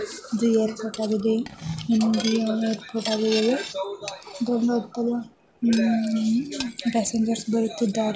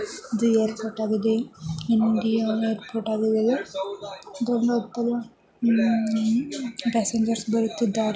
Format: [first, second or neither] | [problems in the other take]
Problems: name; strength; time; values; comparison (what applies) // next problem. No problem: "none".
second | background sound (Cutlery, silverware); 16 dB below the speech